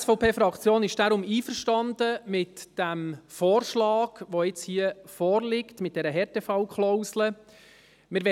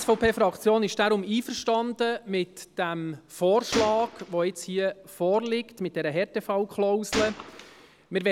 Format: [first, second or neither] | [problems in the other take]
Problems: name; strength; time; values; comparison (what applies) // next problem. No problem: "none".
first | background sound (Gunshot, gunfire); 14 dB below the speech